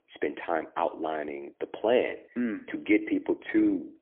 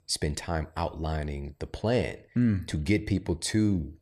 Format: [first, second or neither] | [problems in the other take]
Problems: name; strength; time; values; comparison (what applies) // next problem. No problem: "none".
second | phone-call audio; poor line; nothing above 3.5 kHz